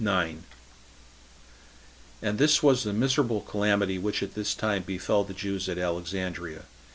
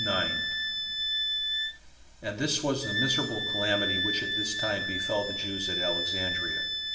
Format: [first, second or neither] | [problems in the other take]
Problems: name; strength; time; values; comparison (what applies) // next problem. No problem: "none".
first | background sound (Wind instrument, woodwind instrument); 2 dB above the speech // room echo; dies away in 1.9 s